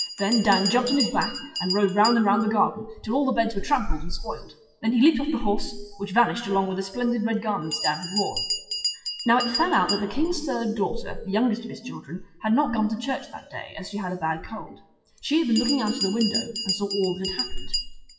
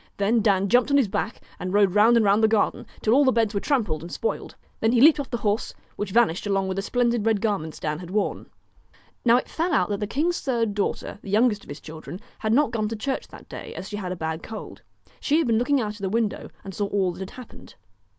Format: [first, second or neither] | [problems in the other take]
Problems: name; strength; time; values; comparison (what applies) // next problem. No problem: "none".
second | noise reduction (classical method WPE with log-MMSE)